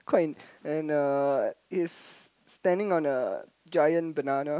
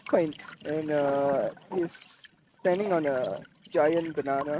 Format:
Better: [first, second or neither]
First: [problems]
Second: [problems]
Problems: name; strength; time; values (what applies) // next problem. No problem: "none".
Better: first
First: none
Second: noise reduction (neural mask model RNNoise)